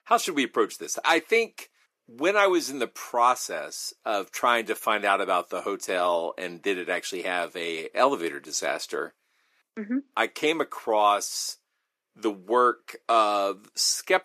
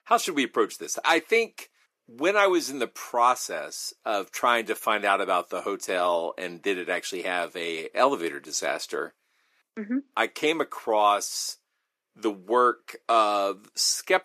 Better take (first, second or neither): neither